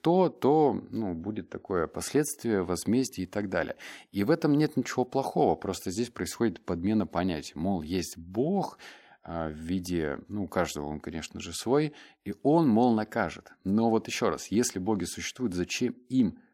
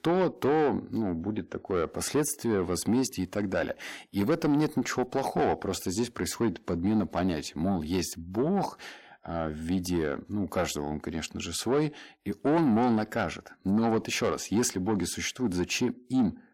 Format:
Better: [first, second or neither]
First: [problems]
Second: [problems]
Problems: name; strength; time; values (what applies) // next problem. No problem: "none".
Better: first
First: none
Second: distortion; slight; 10 dB below the speech